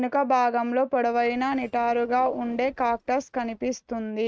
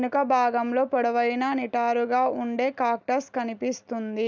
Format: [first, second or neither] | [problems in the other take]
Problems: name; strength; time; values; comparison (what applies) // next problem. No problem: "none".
second | noise reduction (neural mask model RNNoise)